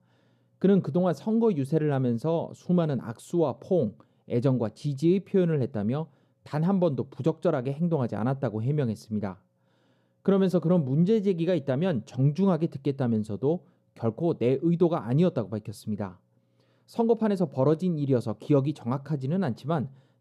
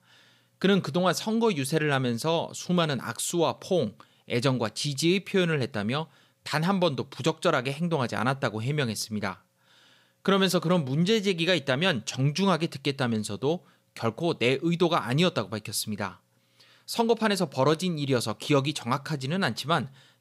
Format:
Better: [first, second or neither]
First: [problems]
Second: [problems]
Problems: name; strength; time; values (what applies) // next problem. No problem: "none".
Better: second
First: muffled; slightly; fading above 1 kHz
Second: none